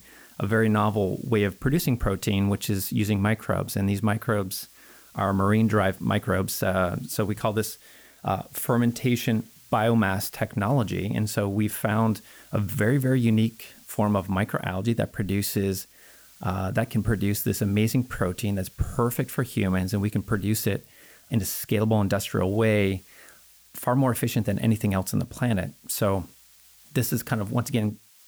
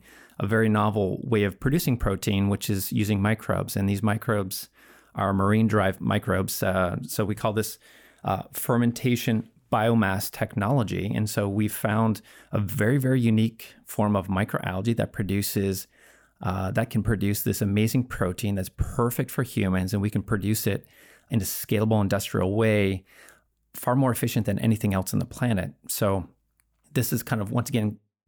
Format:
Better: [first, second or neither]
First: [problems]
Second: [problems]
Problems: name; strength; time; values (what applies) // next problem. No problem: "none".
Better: second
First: hiss; faint; throughout; 25 dB below the speech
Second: none